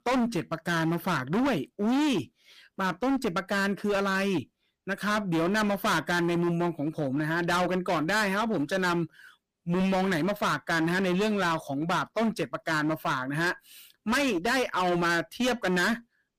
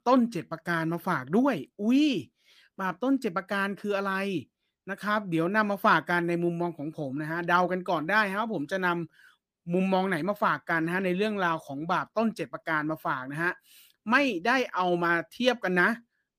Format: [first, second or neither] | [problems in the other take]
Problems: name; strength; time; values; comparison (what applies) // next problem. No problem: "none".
second | distortion; heavy; 24% of the sound clipped